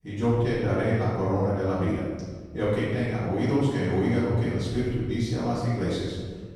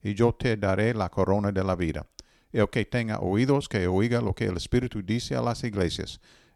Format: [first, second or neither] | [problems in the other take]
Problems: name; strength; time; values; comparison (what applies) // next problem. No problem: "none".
second | off-mic speech; far // room echo; strong; dies away in 1.5 s